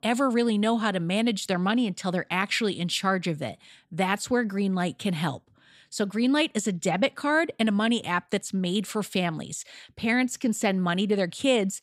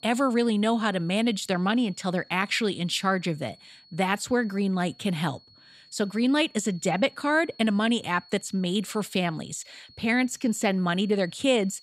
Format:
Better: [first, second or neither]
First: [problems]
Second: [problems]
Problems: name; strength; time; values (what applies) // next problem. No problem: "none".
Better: first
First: none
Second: high-pitched whine; faint; throughout; 4.5 kHz, 25 dB below the speech